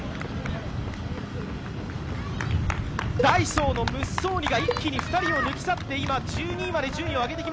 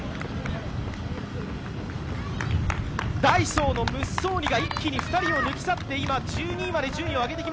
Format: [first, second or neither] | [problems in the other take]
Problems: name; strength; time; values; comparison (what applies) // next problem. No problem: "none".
second | background sound (Cowbell); 10 dB below the speech